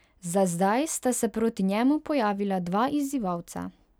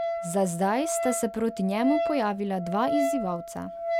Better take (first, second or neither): first